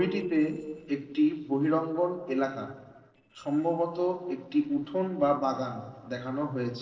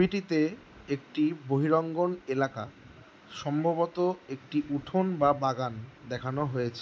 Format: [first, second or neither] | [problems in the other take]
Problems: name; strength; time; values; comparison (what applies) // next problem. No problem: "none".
second | noise reduction (neural separator model SepFormer DNS4)